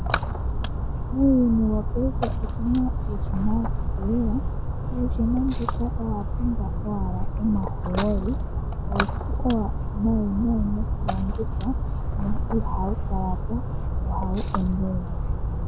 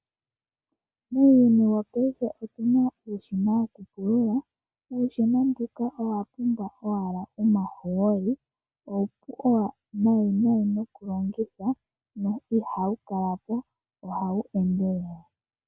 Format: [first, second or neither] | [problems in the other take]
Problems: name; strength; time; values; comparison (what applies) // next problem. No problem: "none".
second | background sound (Splash, splatter); 2 dB above the speech